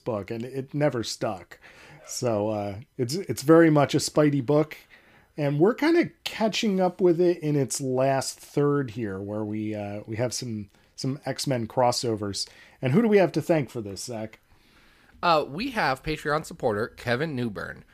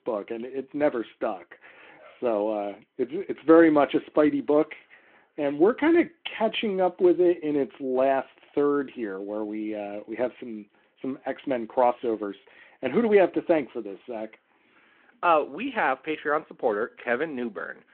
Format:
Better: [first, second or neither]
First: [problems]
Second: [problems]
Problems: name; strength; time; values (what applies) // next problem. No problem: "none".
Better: first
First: none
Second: phone-call audio